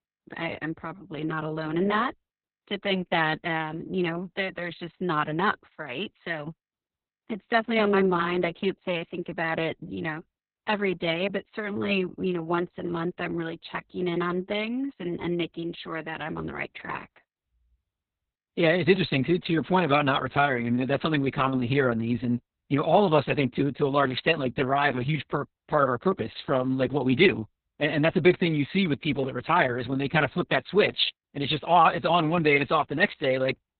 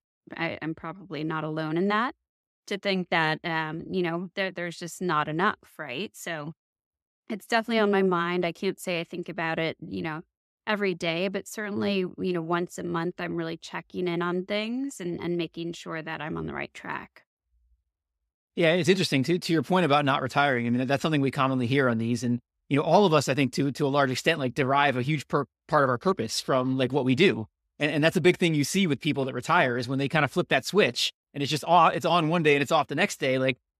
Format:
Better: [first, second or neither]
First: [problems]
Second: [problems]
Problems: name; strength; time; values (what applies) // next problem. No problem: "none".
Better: second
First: garbled, watery; badly; nothing above 4 kHz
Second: none